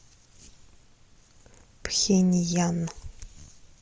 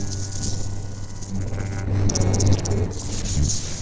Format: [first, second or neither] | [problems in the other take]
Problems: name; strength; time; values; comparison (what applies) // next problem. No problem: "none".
first | noise reduction (neural separator model SepFormer DNS4)